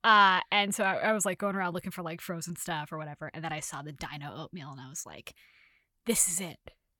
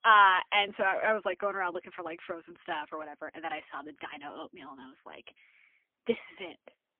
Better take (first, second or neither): first